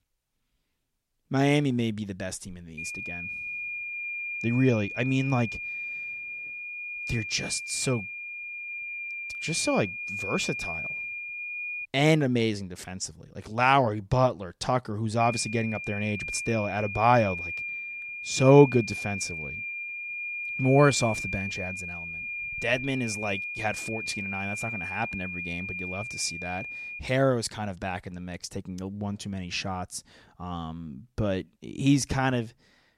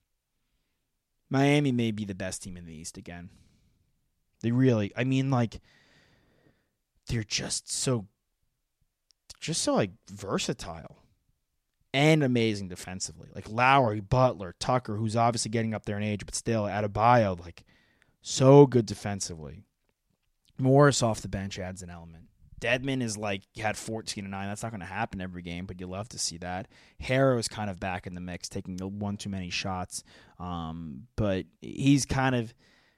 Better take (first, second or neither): second